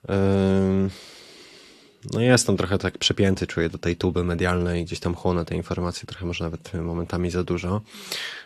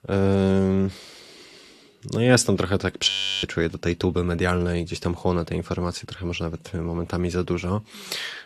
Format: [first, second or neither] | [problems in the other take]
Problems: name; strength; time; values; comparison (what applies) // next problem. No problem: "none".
first | audio freezing; at 3 s